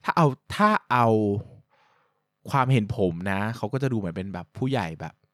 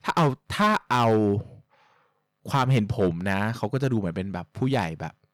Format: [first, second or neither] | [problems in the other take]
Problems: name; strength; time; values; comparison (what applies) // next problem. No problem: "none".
first | distortion; slight; 5% of the sound clipped